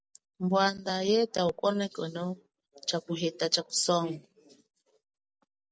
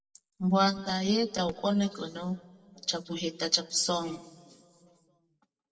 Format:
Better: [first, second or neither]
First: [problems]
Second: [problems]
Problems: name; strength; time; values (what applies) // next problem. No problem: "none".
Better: first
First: none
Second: room echo; dies away in 1.1 s